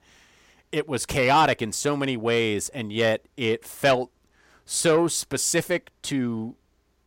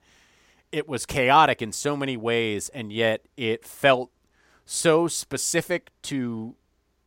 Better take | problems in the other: second | distortion; slight; 10 dB below the speech

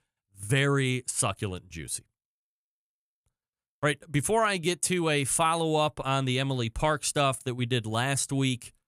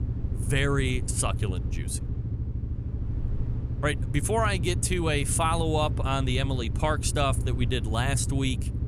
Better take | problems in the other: first | low rumble; noticeable; throughout; 15 dB below the speech

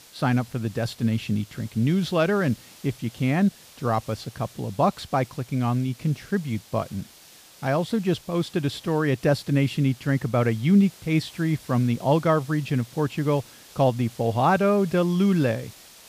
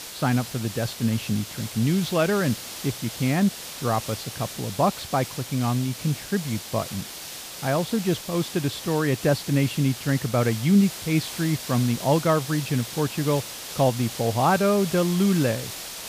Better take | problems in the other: first | hiss; loud; throughout; 10 dB below the speech; faint in the first

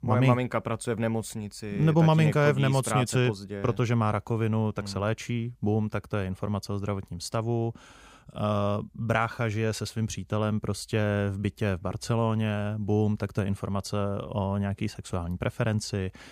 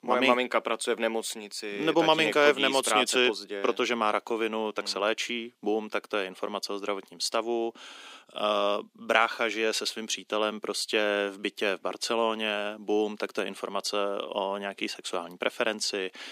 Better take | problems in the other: first | thin; very; fading below 300 Hz

